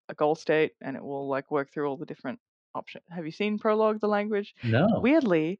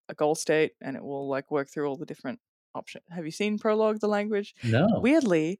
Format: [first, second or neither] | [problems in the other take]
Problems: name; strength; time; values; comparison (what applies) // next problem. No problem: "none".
second | muffled; slightly; fading above 4.5 kHz